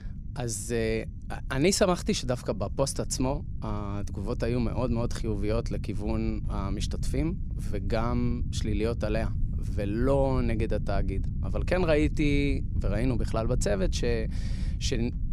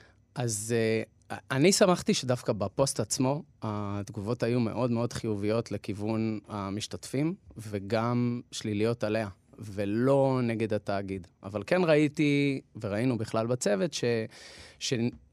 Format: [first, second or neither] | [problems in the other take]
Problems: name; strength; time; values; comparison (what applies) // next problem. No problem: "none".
second | low rumble; noticeable; throughout; 15 dB below the speech